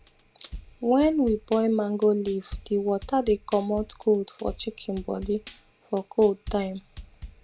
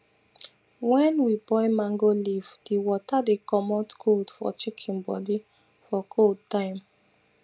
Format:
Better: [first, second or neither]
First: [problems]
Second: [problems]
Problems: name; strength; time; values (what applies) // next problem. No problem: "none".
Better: second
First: background sound (Drum kit); 17 dB below the speech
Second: none